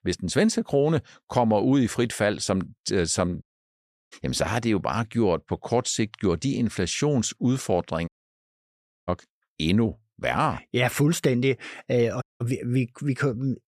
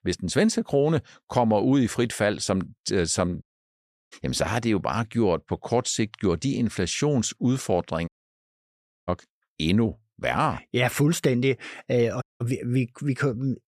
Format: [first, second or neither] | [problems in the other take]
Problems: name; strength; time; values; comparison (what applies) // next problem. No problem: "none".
neither | audio cutting out; at 3.5 s for 0.5 s, at 8 s for 1 s and at 12 s; the same in both